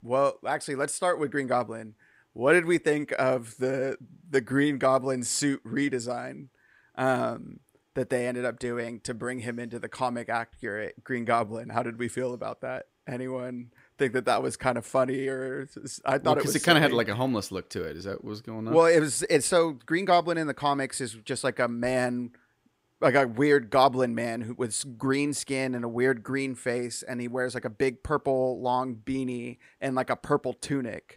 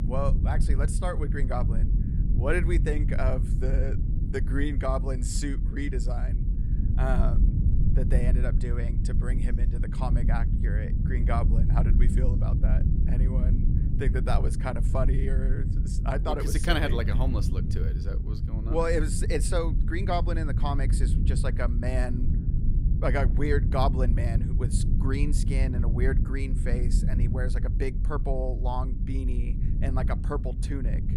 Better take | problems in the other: first | low rumble; loud; throughout; 8 dB below the speech

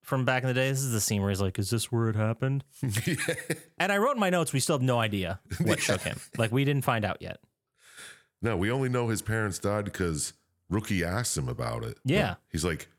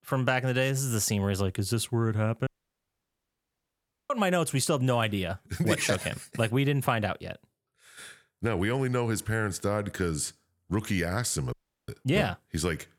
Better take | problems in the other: first | audio cutting out; at 2.5 s for 1.5 s and at 12 s

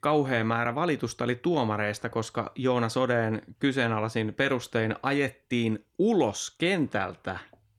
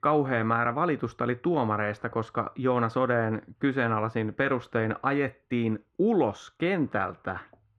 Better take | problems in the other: first | muffled; very; fading above 3.5 kHz

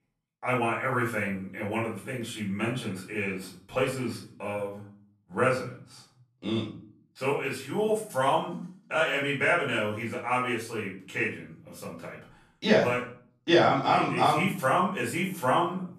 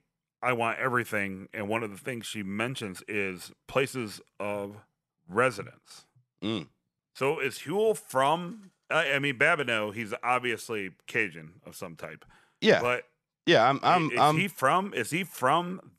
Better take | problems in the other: second | room echo; slight; dies away in 0.4 s // off-mic speech; far

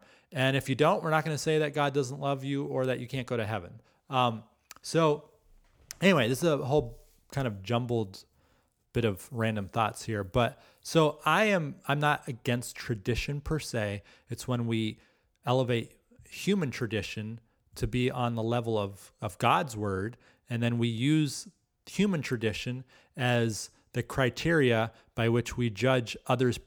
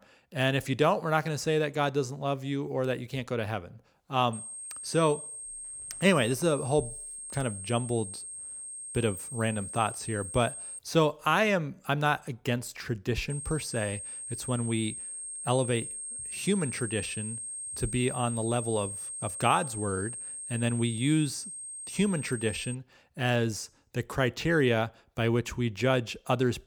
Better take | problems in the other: first | high-pitched whine; loud; from 4.5 to 11 s and from 13 to 23 s; 8.5 kHz, 7 dB below the speech

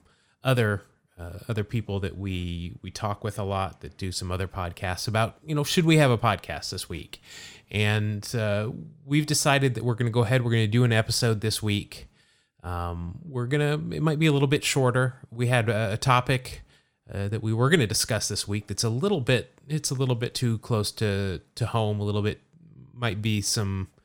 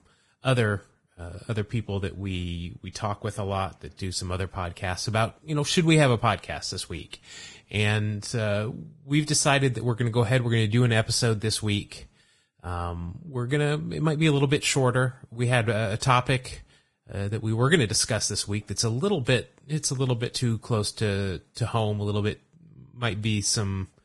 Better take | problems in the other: first | garbled, watery; badly; nothing above 10.5 kHz

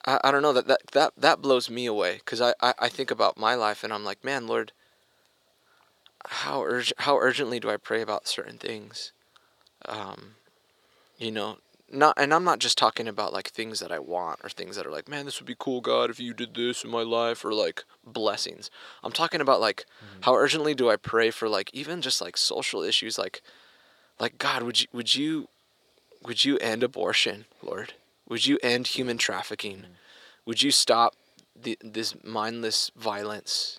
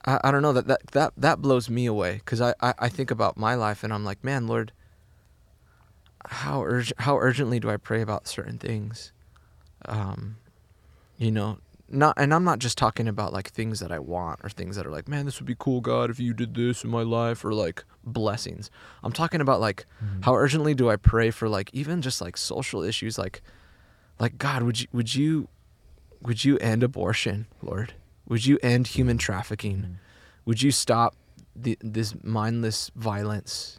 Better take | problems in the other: second | thin; somewhat; fading below 400 Hz

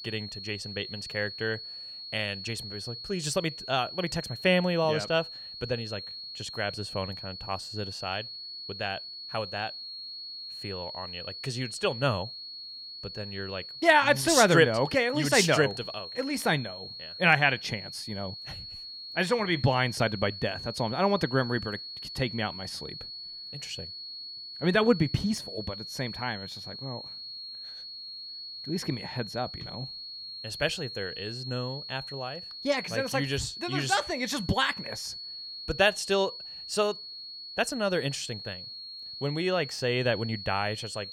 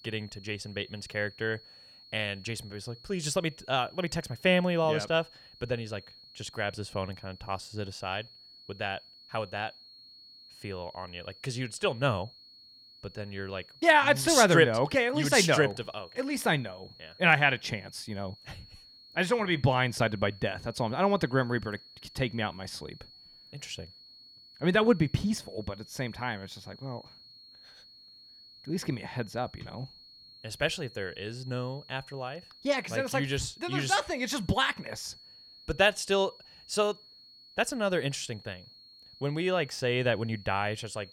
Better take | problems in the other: second | high-pitched whine; loud; throughout; 4.5 kHz, 10 dB below the speech; faint in the second

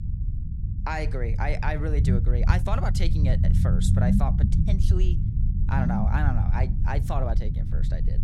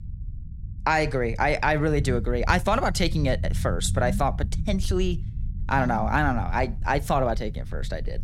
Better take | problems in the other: second | low rumble; loud; throughout; 5 dB below the speech; faint in the second

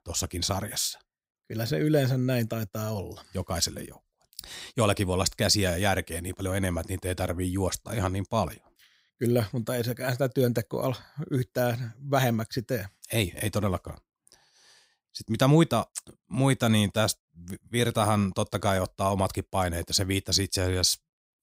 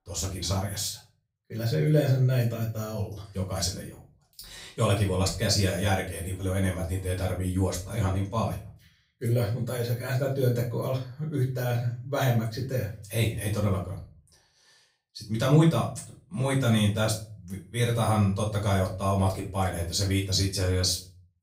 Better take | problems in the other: first | off-mic speech; far // room echo; slight; dies away in 0.4 s

